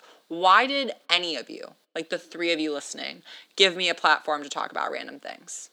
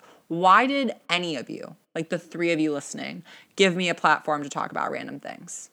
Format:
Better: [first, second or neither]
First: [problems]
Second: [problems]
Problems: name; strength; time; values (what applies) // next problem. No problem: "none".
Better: second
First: thin; somewhat; fading below 400 Hz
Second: none